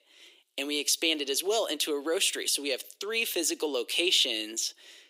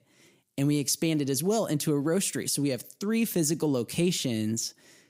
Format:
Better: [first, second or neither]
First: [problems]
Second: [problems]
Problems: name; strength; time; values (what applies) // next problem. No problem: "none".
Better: second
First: thin; very; fading below 350 Hz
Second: none